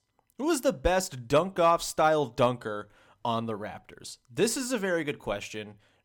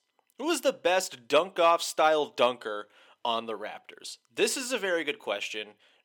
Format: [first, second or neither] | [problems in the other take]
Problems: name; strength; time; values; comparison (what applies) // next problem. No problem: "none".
first | thin; somewhat; fading below 400 Hz